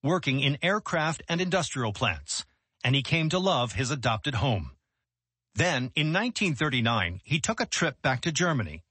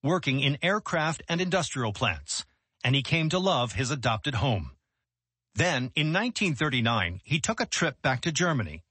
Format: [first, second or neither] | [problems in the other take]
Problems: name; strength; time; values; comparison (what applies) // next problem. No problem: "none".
neither | garbled, watery; slightly; nothing above 8 kHz; the same in both